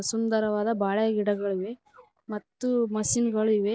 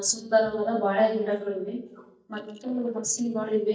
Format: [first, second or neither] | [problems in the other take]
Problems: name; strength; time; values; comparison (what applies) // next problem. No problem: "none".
first | noise reduction (neural mask model DeepFilterNet 3)